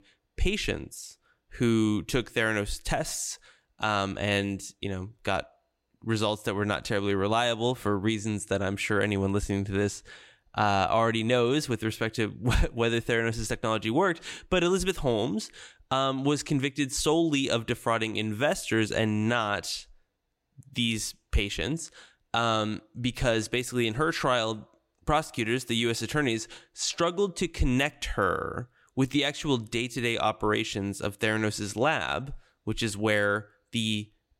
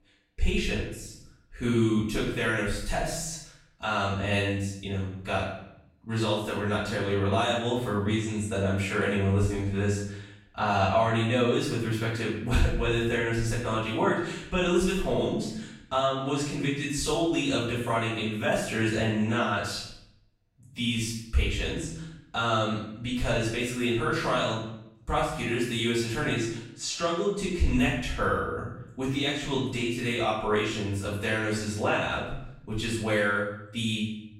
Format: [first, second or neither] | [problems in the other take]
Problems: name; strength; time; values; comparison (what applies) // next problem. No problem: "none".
first | off-mic speech; far // room echo; noticeable; dies away in 0.7 s